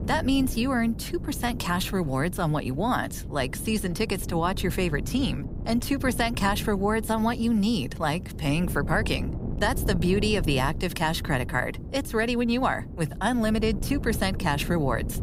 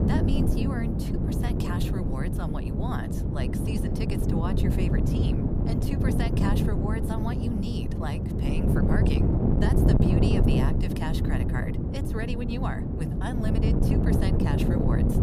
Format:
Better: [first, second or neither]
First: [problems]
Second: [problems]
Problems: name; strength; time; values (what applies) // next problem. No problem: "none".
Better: first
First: wind noise on the microphone; occasional gusts; 15 dB below the speech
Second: wind noise on the microphone; heavy; 3 dB above the speech